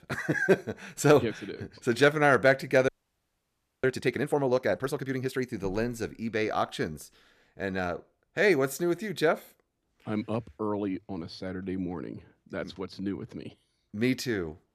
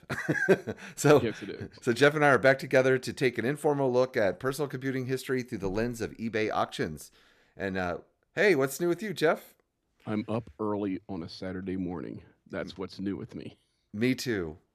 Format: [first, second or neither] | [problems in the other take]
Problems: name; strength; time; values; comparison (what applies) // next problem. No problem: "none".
second | audio freezing; at 3 s for 1 s